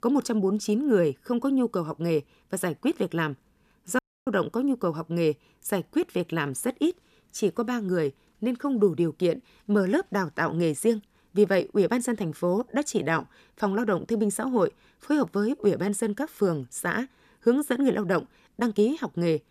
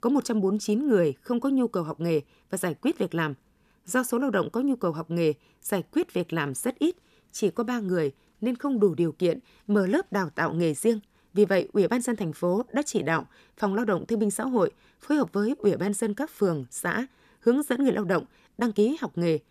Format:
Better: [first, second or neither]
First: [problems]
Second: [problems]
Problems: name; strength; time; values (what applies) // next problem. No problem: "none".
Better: second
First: audio cutting out; at 4 s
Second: none